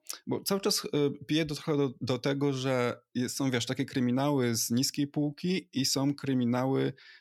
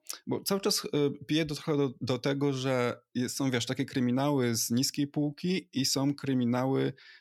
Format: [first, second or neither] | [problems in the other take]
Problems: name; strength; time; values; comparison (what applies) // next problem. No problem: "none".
neither | none